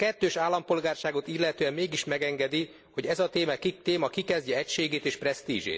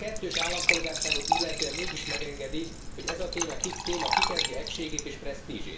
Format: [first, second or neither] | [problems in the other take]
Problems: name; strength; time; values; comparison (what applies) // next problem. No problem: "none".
first | background sound (Fill (with liquid) / Trickle, dribble / Glass); 5 dB above the speech // room echo; dies away in 0.5 s